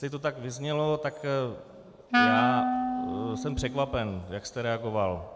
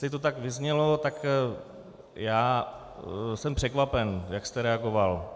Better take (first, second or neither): second